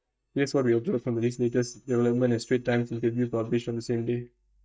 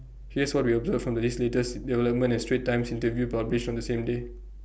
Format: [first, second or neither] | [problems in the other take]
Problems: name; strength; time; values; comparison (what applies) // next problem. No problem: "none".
second | noise reduction (neural mask model DeepFilterNet 3)